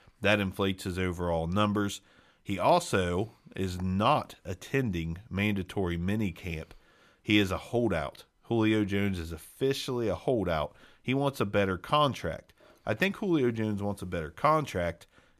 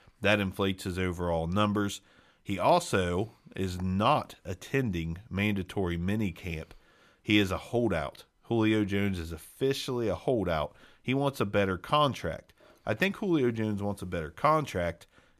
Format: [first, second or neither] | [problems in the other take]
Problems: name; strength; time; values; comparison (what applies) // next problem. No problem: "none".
neither | none